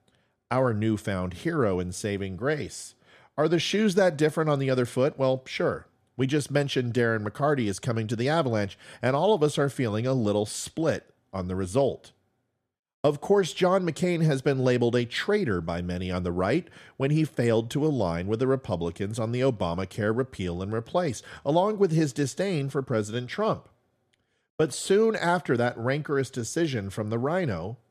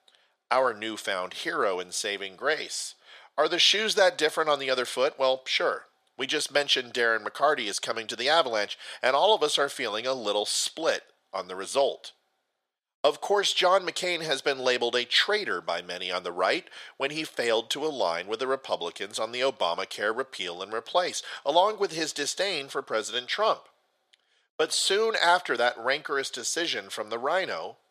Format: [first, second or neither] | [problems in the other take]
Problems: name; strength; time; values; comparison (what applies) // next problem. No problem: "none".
first | thin; very; fading below 700 Hz